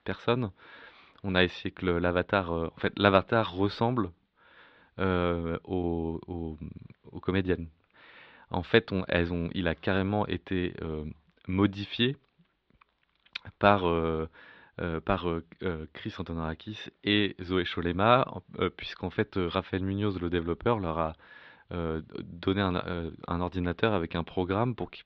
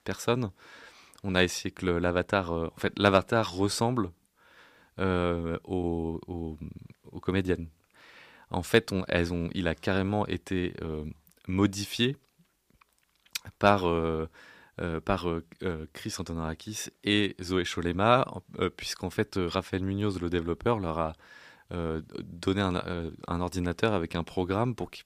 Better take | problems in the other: second | muffled; slightly; fading above 4 kHz

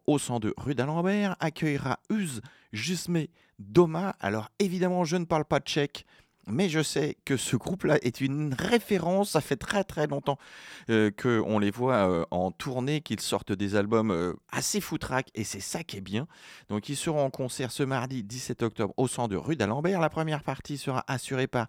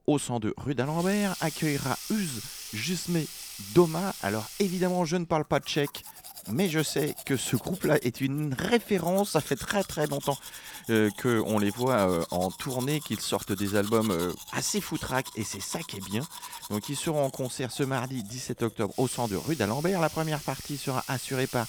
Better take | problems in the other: first | household noises; noticeable; throughout; 10 dB below the speech

